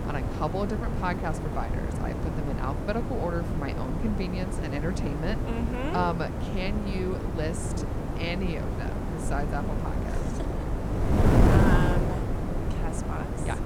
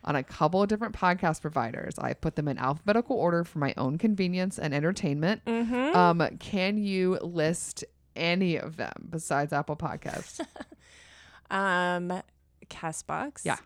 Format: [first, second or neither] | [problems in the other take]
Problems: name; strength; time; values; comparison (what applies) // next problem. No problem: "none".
second | wind noise on the microphone; heavy; 1 dB below the speech